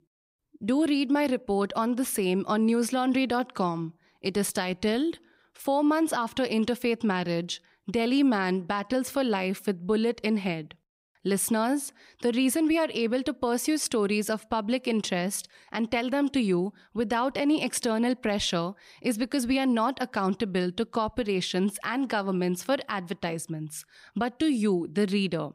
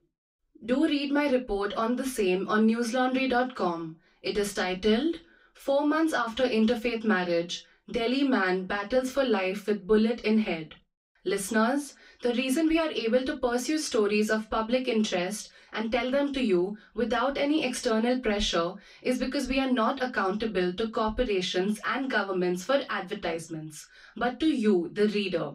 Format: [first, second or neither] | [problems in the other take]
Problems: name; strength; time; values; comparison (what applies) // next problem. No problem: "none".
first | room echo; very slight; dies away in 0.2 s // off-mic speech; far